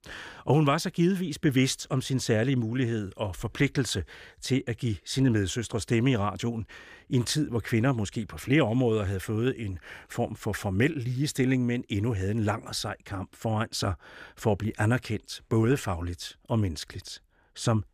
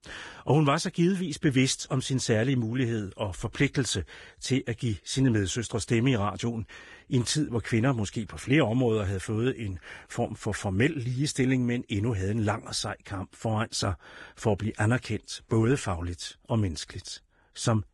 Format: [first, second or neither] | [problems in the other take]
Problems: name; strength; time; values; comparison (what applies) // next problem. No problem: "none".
first | garbled, watery; badly; nothing above 10.5 kHz